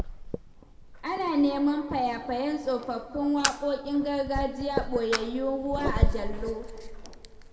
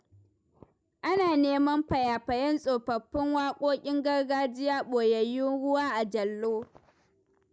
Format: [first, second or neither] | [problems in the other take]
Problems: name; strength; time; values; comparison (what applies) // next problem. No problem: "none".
second | background sound (Fire); 3 dB below the speech // room echo; dies away in 1.5 s